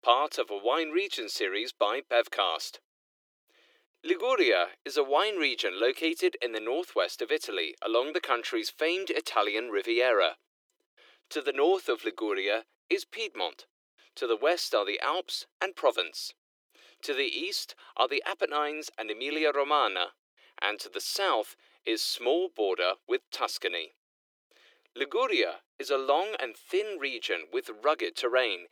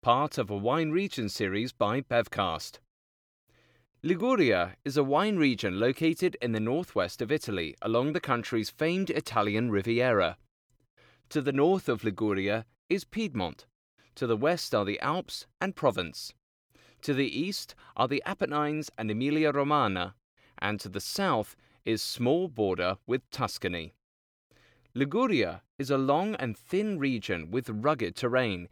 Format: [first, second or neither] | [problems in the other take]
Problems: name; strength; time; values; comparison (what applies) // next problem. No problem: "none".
second | thin; very; fading below 350 Hz